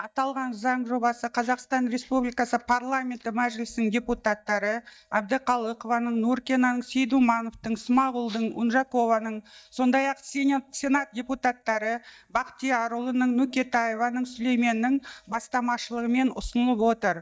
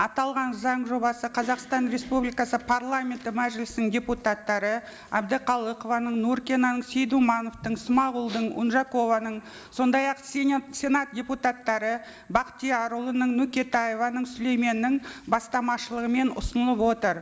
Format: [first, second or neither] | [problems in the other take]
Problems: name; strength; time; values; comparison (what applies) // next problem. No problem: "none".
second | noise reduction (neural mask model DeepFilterNet 3)